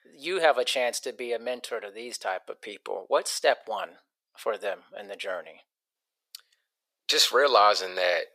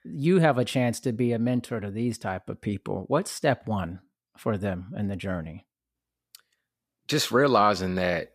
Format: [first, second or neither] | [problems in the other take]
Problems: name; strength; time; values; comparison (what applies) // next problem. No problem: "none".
second | thin; very; fading below 500 Hz